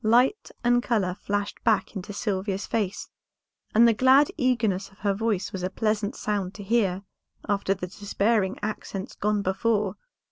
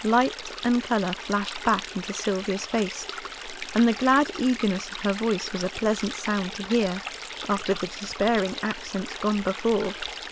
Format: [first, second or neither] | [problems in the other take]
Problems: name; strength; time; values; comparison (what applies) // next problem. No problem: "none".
first | background sound (Stream); 10 dB below the speech